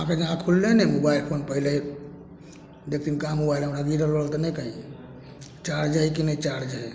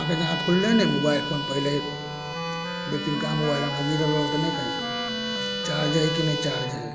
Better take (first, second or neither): first